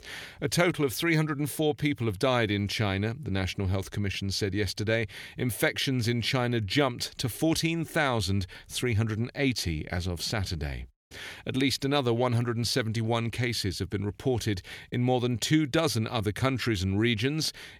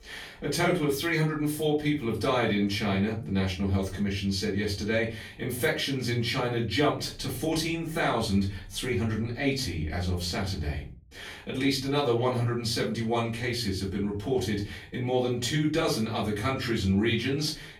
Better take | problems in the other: first | room echo; slight; dies away in 0.3 s // off-mic speech; far

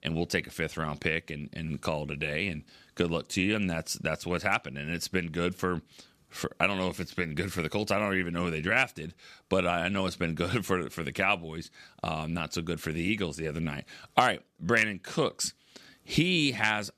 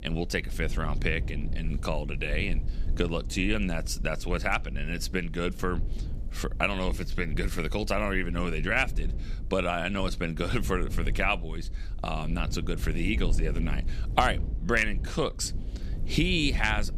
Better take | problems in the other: first | low rumble; noticeable; throughout; 20 dB below the speech

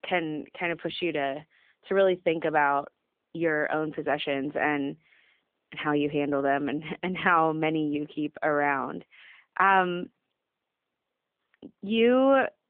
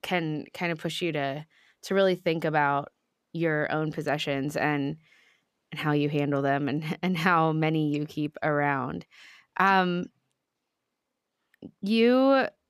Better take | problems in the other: second | phone-call audio

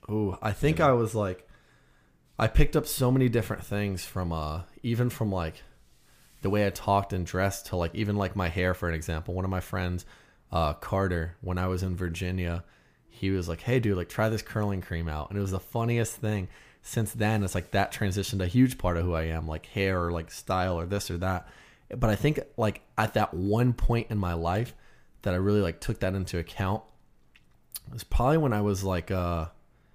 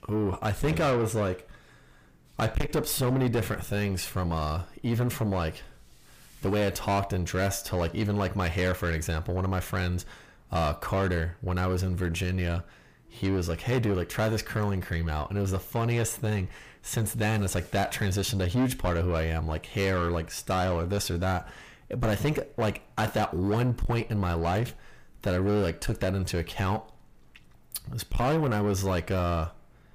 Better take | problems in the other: first | distortion; heavy; 7 dB below the speech

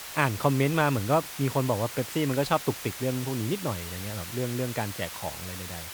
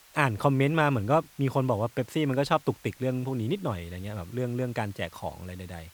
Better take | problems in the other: second | hiss; loud; throughout; 8 dB below the speech; faint in the second

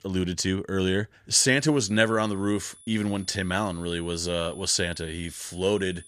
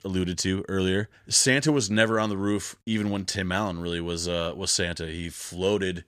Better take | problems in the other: second | high-pitched whine; faint; from 1.5 s on; 10 kHz, 20 dB below the speech

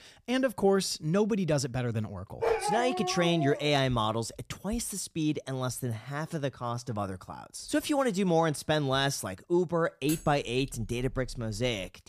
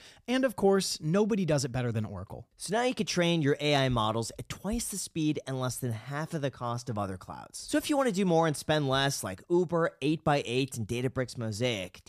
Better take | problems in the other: second | dog barking; loud; from 2.5 to 3.5 s; peak 1 dB above the speech // clattering dishes; noticeable; from 10 s on; peak 10 dB below the speech

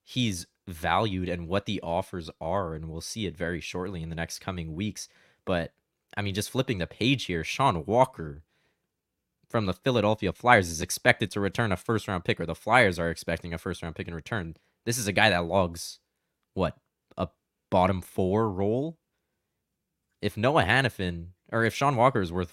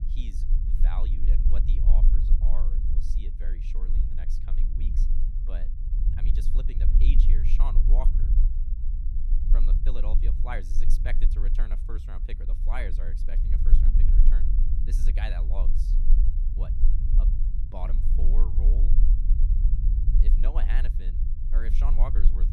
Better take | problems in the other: first | low rumble; loud; throughout; 5 dB below the speech

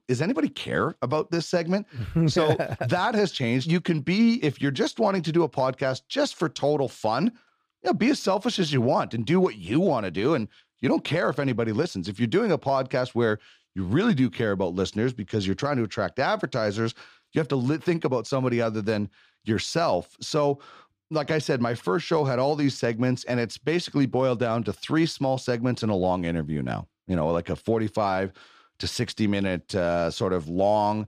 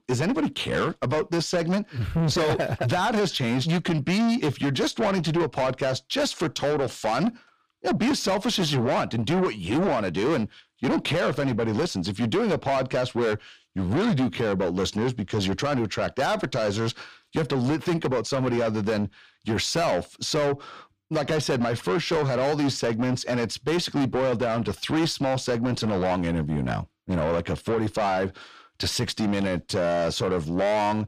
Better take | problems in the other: first | distortion; heavy; 7 dB below the speech

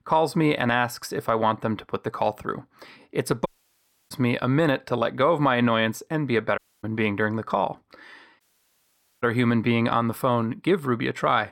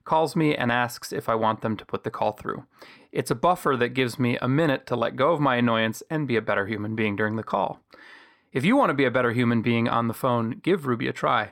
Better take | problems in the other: second | audio cutting out; at 3.5 s for 0.5 s, at 6.5 s and at 8.5 s for 1 s

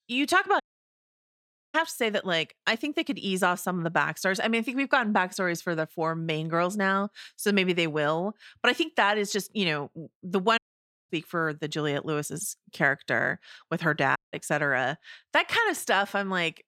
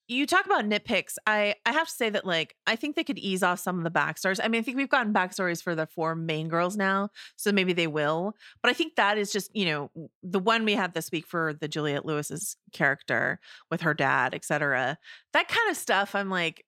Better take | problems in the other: second | audio cutting out; at 0.5 s for 1 s, at 11 s for 0.5 s and at 14 s

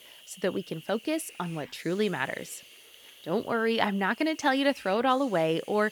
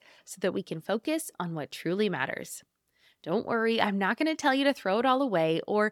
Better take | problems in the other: second | hiss; noticeable; throughout; 20 dB below the speech

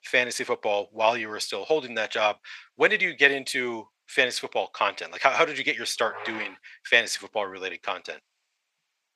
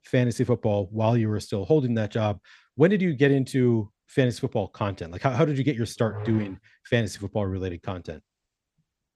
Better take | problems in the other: second | thin; very; fading below 850 Hz

